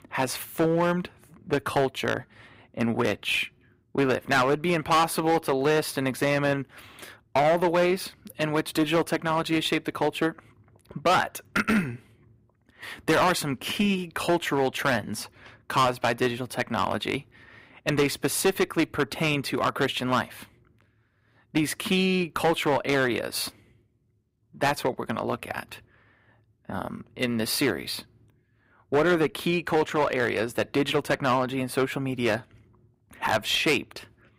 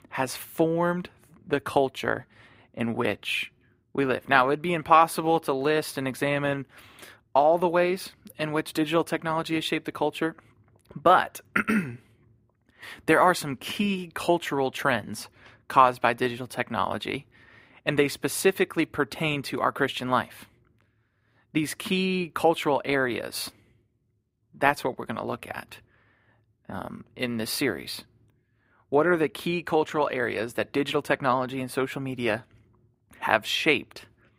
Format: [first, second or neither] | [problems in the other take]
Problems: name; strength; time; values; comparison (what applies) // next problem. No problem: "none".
second | distortion; heavy; 5% of the sound clipped